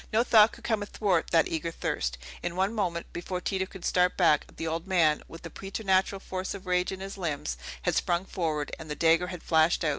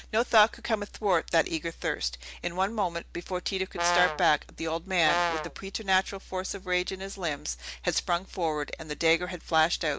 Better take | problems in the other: first | background sound (Brass instrument); 2 dB below the speech

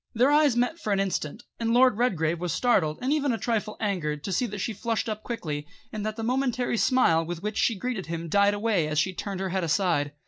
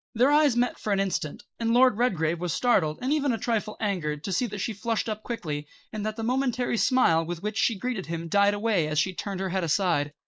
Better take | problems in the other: first | noise reduction (neural mask model Resemble Enhance denoiser)

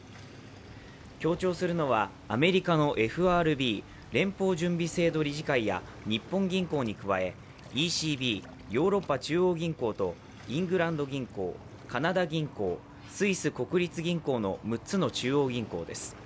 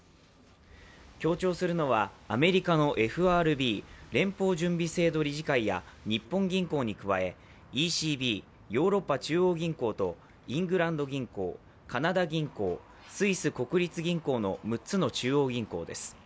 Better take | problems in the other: second | background sound (Waves, surf); 19 dB below the speech

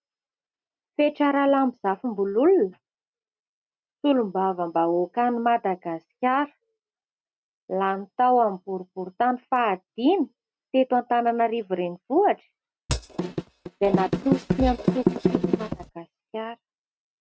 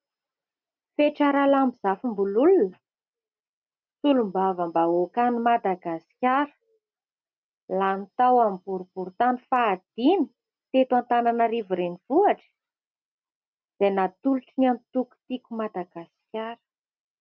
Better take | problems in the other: second | noise reduction (neural mask model RNNoise)

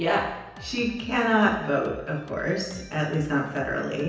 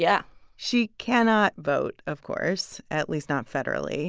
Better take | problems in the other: second | background sound (Drum kit); 18 dB below the speech // room echo; dies away in 0.9 s

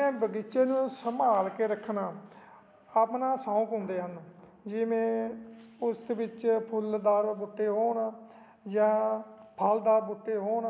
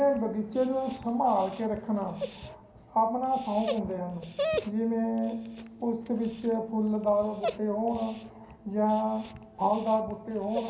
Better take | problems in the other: first | background sound (Dog); 11 dB below the speech // room echo; dies away in 0.5 s

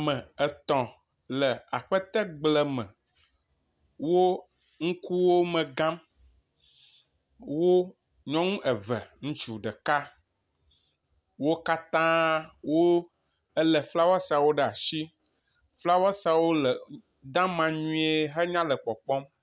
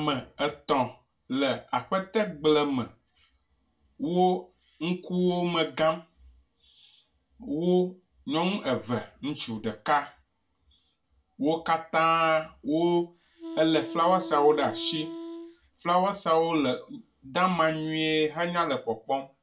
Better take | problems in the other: first | background sound (Wind instrument, woodwind instrument); 11 dB below the speech // room echo; dies away in 0.2 s

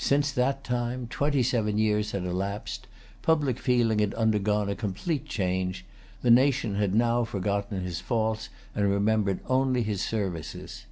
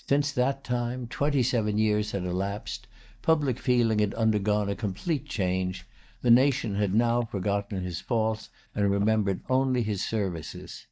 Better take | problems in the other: first | noise reduction (neural mask model DeepFilterNet 3)

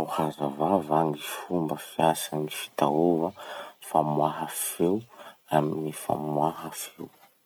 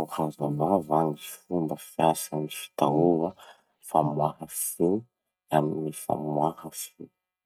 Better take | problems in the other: first | noise reduction (neural mask model DeepFilterNet 3)

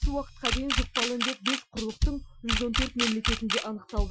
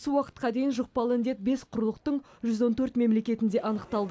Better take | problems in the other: second | noise reduction (classical method Wiener filter)

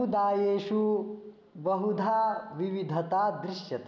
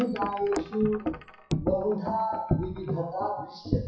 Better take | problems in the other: first | noise reduction (classical method WPE with log-MMSE)

